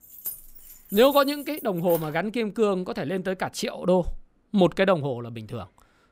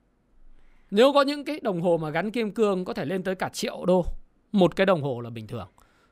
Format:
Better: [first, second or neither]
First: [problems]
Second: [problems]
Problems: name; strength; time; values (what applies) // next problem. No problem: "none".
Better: second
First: jangling keys; noticeable; until 2 s; peak 10 dB below the speech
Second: none